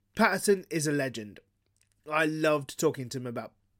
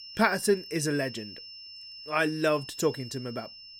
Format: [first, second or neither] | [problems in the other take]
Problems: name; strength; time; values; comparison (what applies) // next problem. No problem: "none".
first | high-pitched whine; noticeable; throughout; 5.5 kHz, 15 dB below the speech